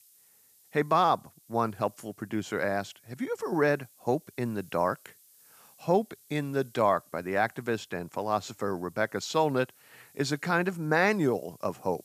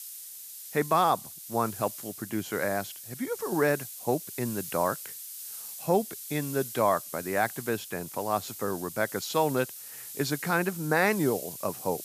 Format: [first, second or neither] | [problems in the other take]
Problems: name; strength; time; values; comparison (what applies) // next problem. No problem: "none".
first | hiss; loud; throughout; 9 dB below the speech; faint in the first